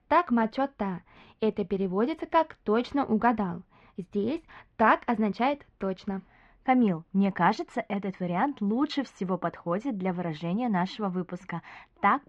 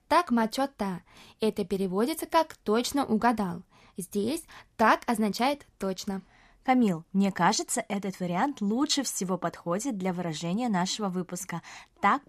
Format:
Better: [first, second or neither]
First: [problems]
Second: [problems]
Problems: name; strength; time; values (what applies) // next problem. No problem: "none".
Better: second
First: muffled; very; fading above 3 kHz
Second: none